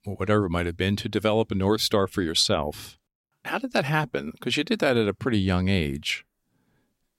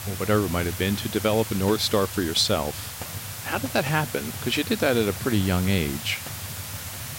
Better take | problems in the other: first | hiss; loud; throughout; 8 dB below the speech

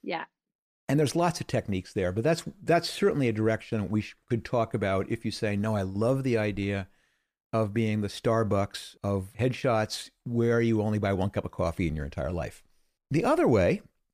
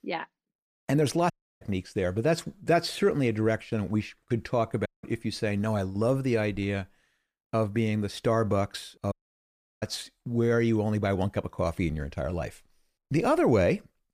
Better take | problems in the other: first | audio cutting out; at 1.5 s, at 5 s and at 9 s for 0.5 s

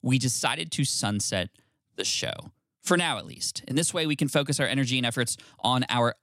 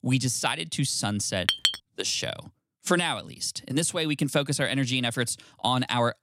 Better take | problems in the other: first | clattering dishes; loud; at 1.5 s; peak 3 dB above the speech

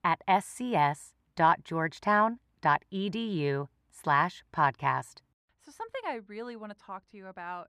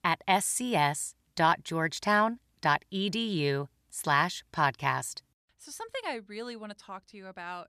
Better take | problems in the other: second | muffled; slightly; fading above 3 kHz

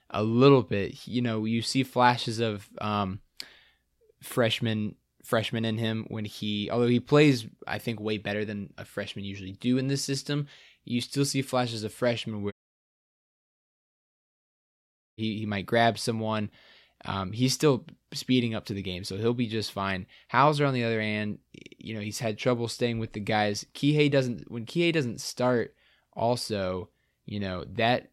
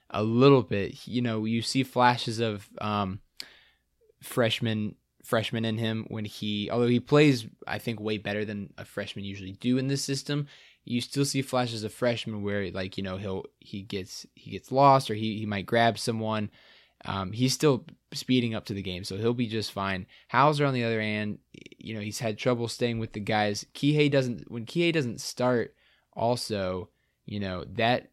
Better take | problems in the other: second | audio cutting out; at 13 s for 2.5 s

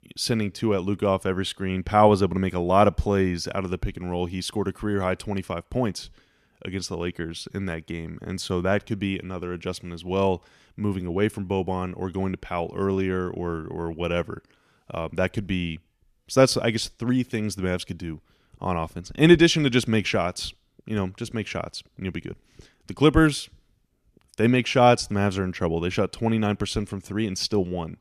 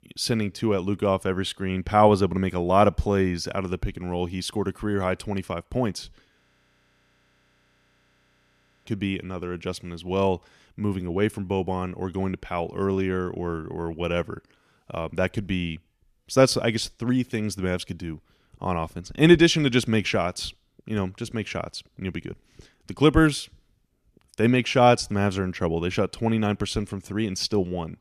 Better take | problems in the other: first | audio freezing; at 6.5 s for 2.5 s

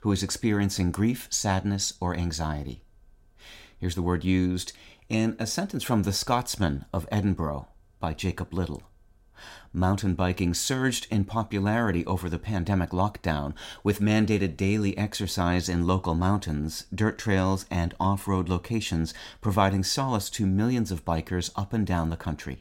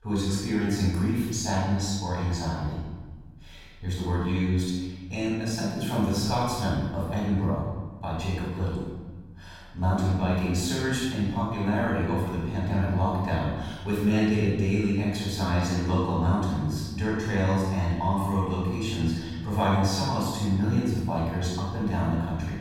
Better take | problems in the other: first | room echo; strong; dies away in 1.3 s // off-mic speech; far

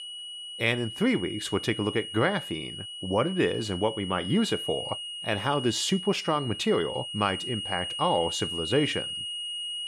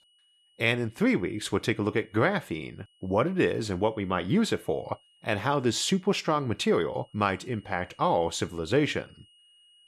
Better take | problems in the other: second | high-pitched whine; loud; throughout; 3 kHz, 6 dB below the speech; faint in the second

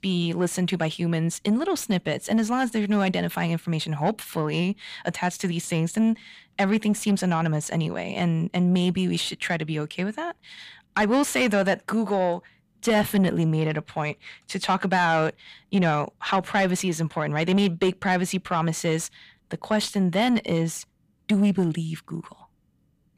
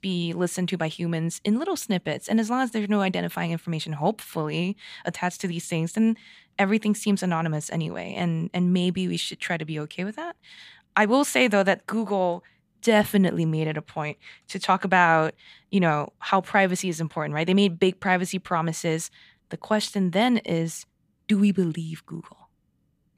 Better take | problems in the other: second | distortion; slight; 10 dB below the speech

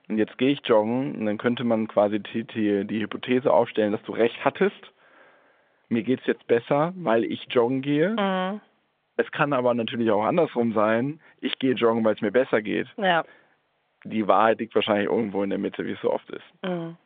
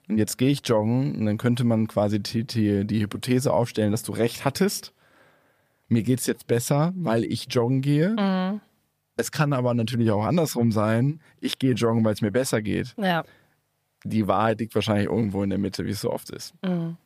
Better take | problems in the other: second | phone-call audio; nothing above 3 kHz

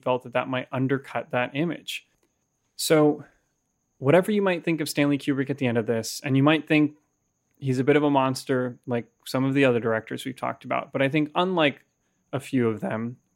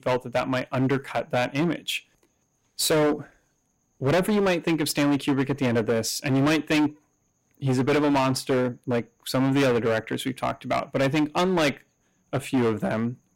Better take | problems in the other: first | distortion; heavy; 14% of the sound clipped

